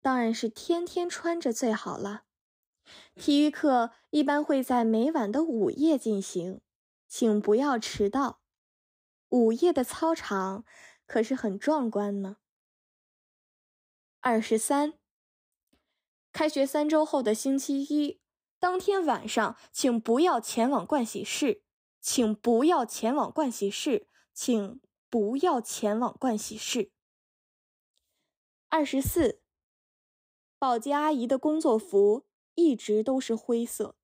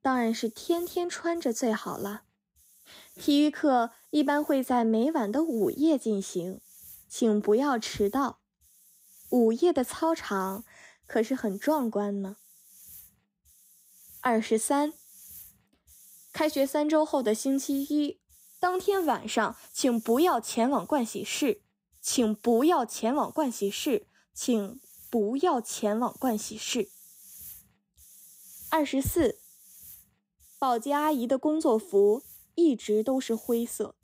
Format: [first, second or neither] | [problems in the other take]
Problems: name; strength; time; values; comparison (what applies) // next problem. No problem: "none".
first | hiss; faint; throughout; 20 dB below the speech